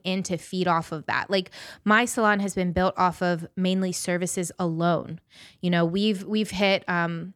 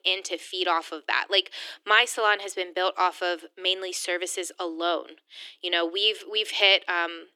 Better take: first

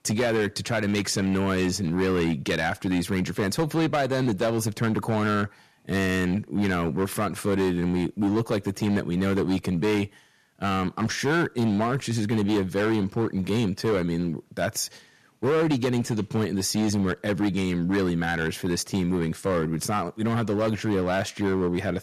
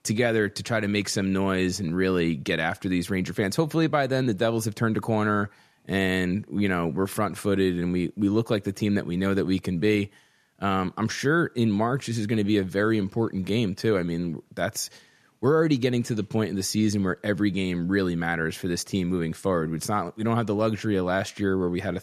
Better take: second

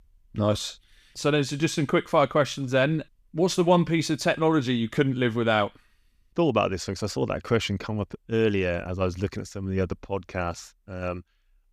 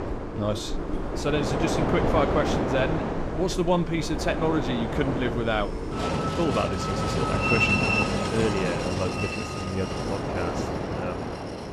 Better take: first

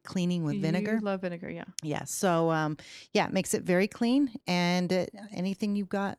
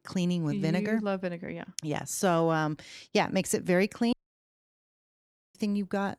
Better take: first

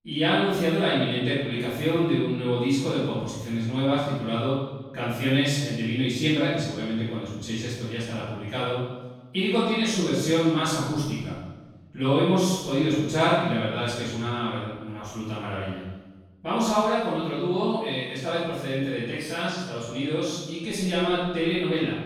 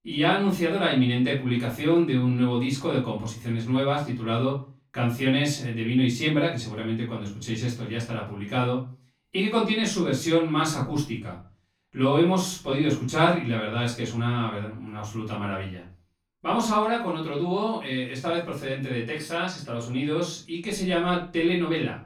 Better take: second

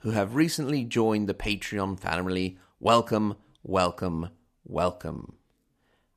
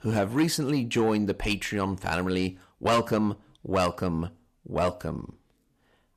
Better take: first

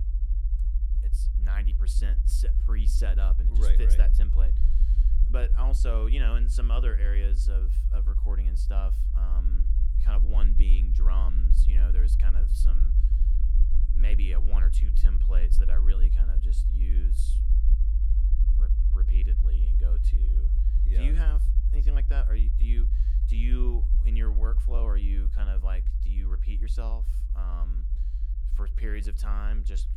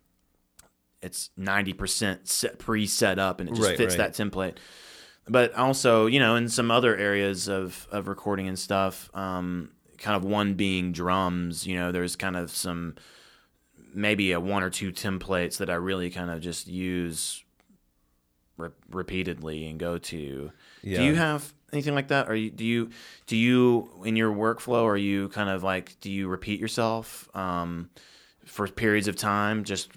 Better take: second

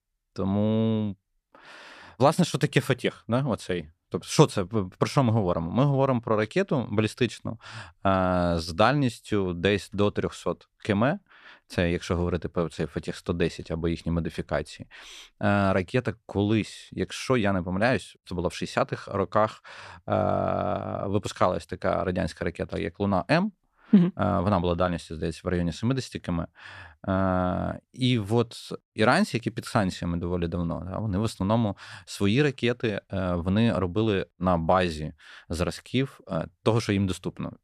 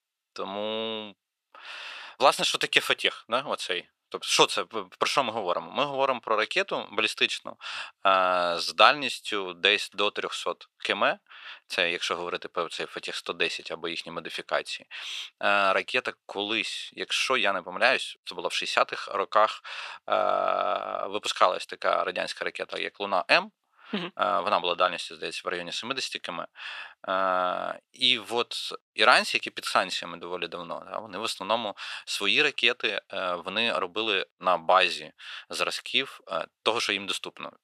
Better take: first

